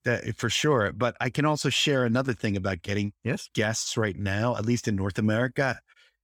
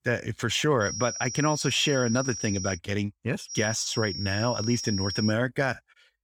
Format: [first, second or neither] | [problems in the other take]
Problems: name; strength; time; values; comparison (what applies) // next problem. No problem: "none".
first | high-pitched whine; loud; from 1 to 3 s and from 3.5 to 5.5 s; 5.5 kHz, 6 dB below the speech